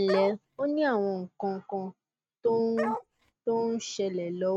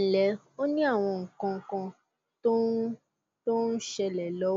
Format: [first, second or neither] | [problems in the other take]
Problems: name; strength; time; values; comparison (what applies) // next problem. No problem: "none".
second | noise reduction (neural mask model RNNoise)